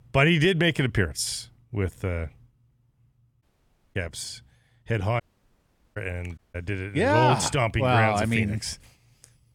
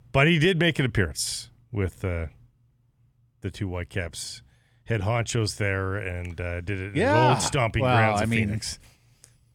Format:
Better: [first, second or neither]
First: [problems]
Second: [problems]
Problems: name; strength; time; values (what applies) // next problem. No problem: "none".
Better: second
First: audio cutting out; at 3.5 s for 0.5 s, at 5 s for 1 s and at 6.5 s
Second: none